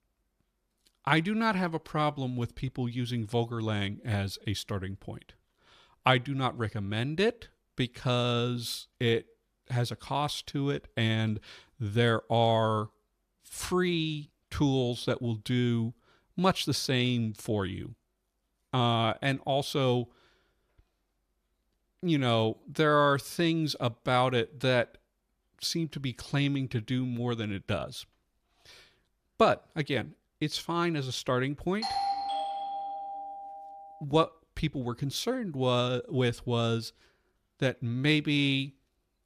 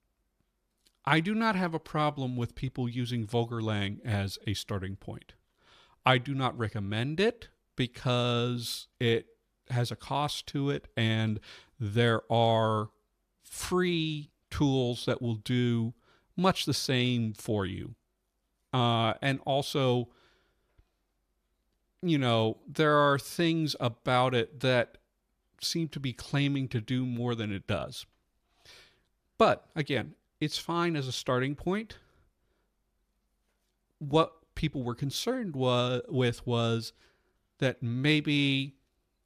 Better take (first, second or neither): second